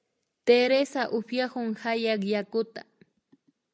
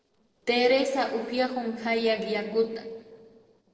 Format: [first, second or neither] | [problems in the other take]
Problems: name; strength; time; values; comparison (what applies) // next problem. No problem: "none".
first | noise reduction (neural separator model SepFormer DNS4)